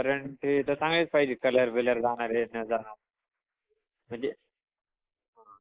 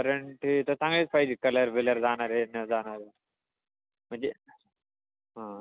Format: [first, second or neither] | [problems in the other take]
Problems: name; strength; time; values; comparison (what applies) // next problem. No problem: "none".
second | noise reduction (neural mask model Resemble Enhance denoiser)